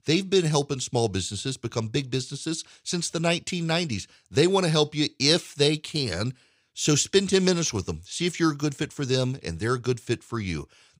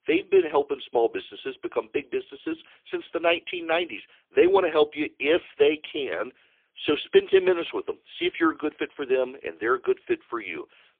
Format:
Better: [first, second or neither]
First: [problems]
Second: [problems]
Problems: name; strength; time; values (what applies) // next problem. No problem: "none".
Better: first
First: none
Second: phone-call audio; poor line; nothing above 3.5 kHz